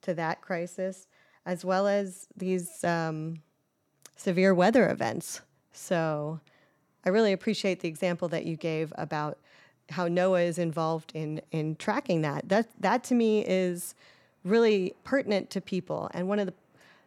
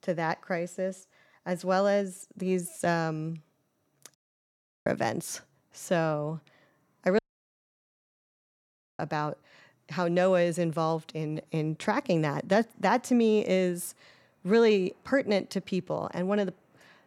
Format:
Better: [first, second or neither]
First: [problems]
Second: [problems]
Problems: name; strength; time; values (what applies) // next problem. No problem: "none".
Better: first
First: none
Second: audio cutting out; at 4 s for 0.5 s and at 7 s for 2 s